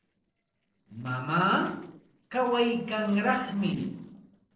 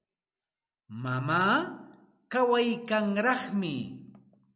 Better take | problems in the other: second | noise reduction (neural separator model SepFormer DNS4)

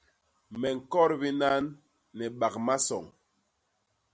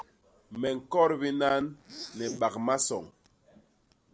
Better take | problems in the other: first | background sound (Zipper (clothing)); 19 dB below the speech

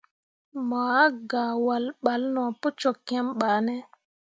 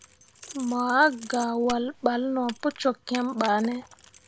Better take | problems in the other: first | background sound (Keys jangling); 18 dB below the speech

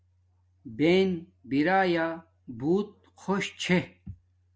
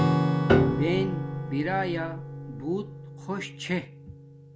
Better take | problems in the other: first | background sound (Piano + Acoustic guitar / Strum); 5 dB above the speech

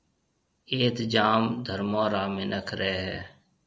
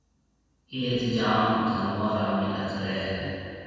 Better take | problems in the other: first | room echo; dies away in 2.1 s

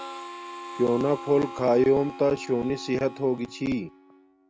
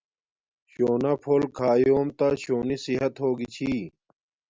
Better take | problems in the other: second | background sound (Harmonica); 14 dB below the speech

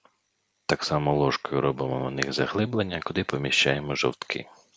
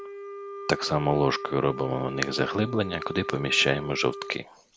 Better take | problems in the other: first | background sound (Wind instrument, woodwind instrument); 11 dB below the speech

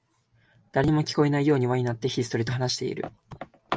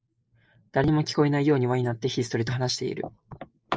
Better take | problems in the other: first | noise reduction (neural mask model Resemble Enhance denoiser)

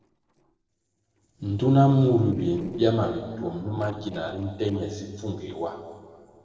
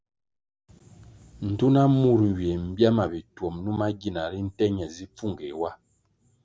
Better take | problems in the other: second | noise reduction (neural separator model SepFormer DNS4)

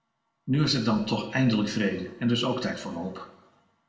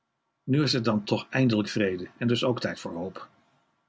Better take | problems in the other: second | room echo; dies away in 0.7 s

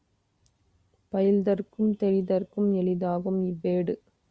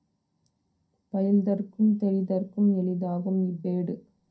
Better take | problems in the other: first | room echo; dies away in 0.2 s

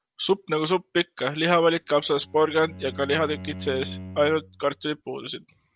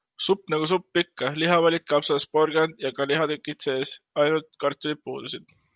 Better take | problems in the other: second | background sound (Bowed string instrument); 15 dB below the speech

